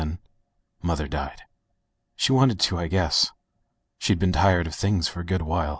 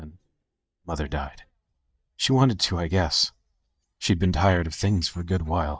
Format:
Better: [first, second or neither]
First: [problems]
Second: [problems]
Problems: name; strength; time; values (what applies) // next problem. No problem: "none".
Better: first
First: none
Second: noise reduction (neural mask model DeepFilterNet 3)